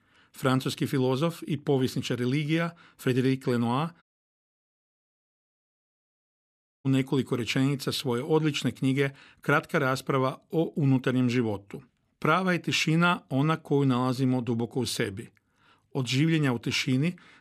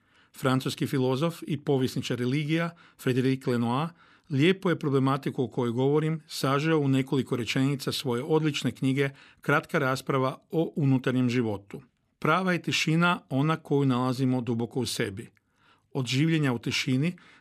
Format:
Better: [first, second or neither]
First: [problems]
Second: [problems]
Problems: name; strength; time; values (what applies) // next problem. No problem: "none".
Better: second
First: audio cutting out; at 4 s for 3 s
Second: none